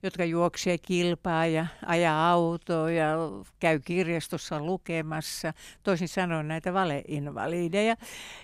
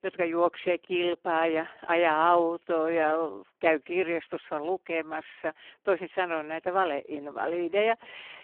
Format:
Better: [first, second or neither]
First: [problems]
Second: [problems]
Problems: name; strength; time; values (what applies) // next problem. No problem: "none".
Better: first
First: none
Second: phone-call audio; poor line